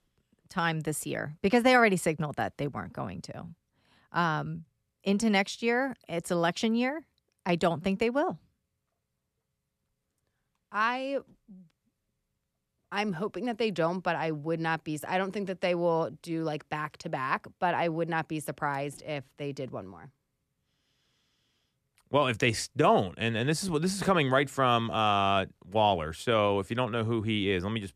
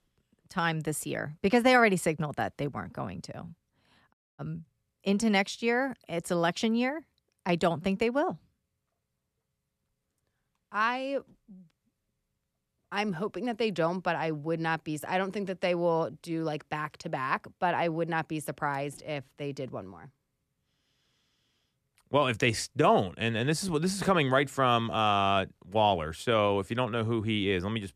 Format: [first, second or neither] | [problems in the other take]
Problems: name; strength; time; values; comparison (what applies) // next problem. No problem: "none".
first | audio cutting out; at 4 s